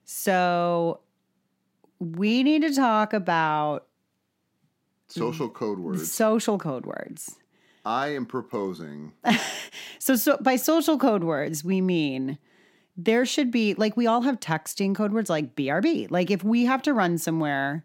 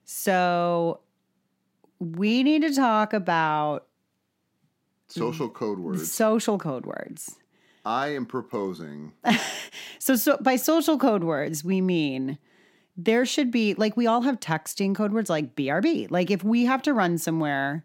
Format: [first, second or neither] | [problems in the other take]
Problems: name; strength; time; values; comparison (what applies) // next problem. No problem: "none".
neither | none